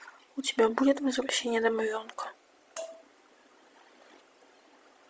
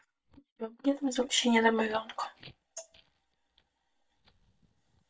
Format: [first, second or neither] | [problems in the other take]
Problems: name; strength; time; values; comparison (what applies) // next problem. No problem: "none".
first | noise reduction (neural mask model DeepFilterNet 3)